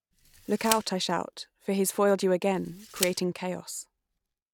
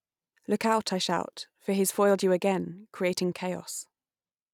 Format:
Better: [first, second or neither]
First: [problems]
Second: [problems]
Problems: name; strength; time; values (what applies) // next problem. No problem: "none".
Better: second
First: background sound (Tick); 11 dB below the speech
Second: none